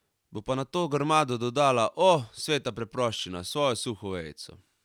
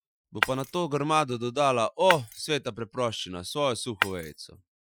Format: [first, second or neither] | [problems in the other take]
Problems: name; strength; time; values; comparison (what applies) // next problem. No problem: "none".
first | noise reduction (classical method Wiener filter)